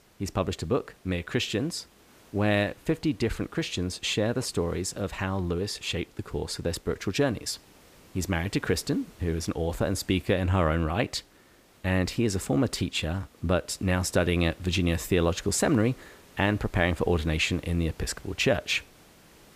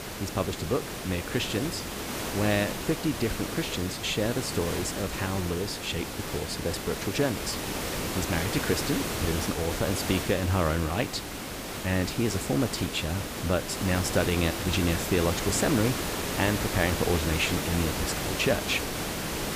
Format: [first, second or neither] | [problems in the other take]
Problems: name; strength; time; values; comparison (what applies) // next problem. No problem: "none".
first | hiss; loud; throughout; 3 dB below the speech; faint in the first